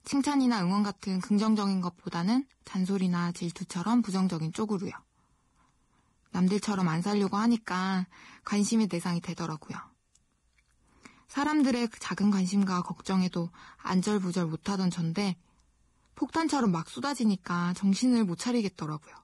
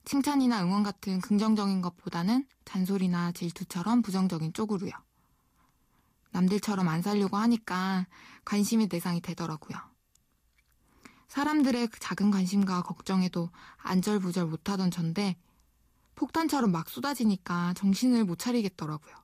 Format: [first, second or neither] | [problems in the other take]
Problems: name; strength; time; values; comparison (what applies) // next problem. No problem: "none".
second | garbled, watery; badly; nothing above 10.5 kHz; slightly in the second